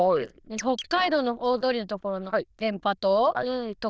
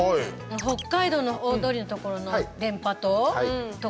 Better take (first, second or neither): second